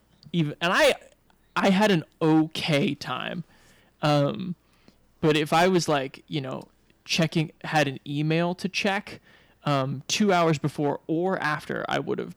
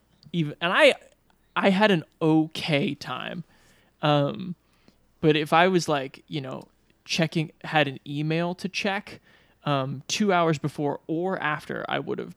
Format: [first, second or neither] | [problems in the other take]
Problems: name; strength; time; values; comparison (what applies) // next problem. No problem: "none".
second | distortion; slight; 3% of the sound clipped